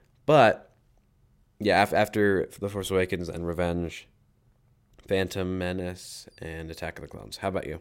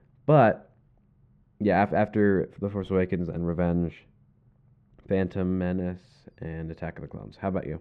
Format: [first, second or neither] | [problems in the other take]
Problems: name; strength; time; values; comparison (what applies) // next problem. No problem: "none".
first | muffled; very; fading above 2 kHz